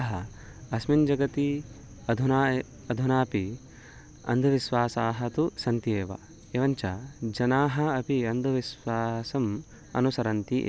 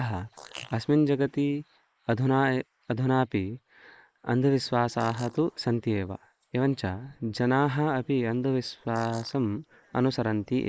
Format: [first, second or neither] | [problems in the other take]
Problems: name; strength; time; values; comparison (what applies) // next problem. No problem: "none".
first | noise reduction (neural mask model Resemble Enhance denoiser)